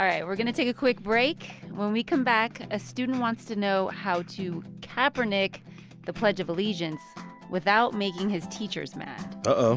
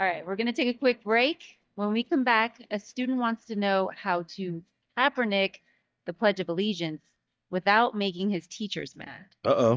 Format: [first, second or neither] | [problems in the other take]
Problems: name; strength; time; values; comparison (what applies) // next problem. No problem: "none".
first | noise reduction (neural mask model DeepFilterNet 3)